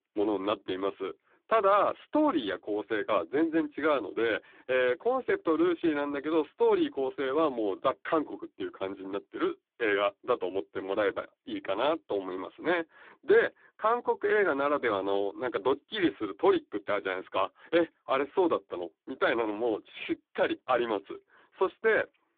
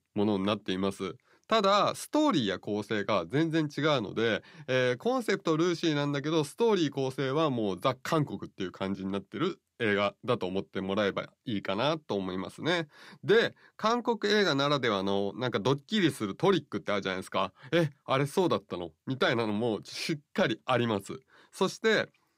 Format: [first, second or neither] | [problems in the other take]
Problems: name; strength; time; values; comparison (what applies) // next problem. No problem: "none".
second | phone-call audio; poor line